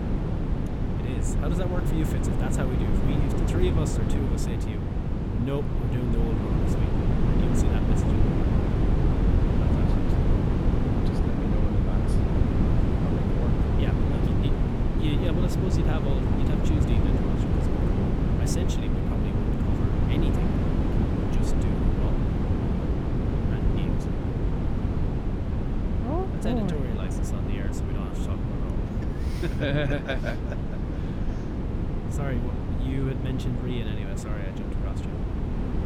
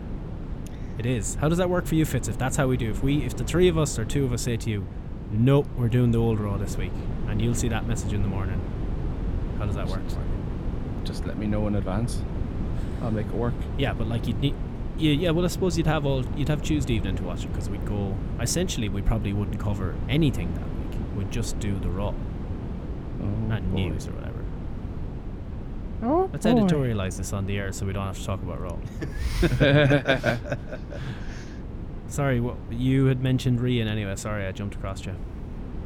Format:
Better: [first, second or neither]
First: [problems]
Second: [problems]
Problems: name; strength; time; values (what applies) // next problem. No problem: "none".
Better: second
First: wind noise on the microphone; heavy; 3 dB above the speech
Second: wind noise on the microphone; occasional gusts; 10 dB below the speech